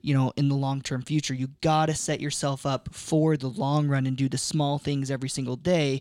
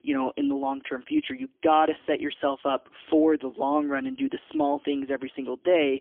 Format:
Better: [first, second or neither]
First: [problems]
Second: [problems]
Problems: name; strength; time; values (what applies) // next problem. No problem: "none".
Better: first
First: none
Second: phone-call audio; poor line; nothing above 3.5 kHz